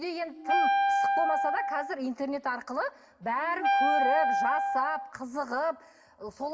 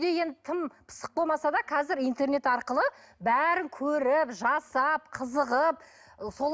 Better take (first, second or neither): second